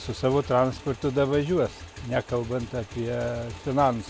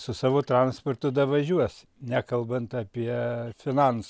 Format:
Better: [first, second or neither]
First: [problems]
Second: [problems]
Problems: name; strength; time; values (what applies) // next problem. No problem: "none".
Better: second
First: background sound (Motorcycle / Engine); 15 dB below the speech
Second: none